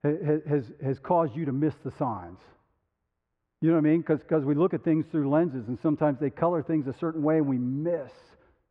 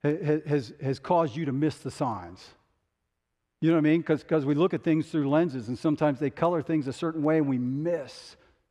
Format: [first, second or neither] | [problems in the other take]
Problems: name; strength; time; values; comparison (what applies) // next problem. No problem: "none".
second | muffled; very; fading above 3 kHz